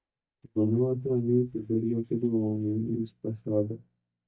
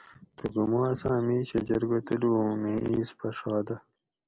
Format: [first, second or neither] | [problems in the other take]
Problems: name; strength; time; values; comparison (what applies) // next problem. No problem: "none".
second | noise reduction (neural mask model DeepFilterNet 3)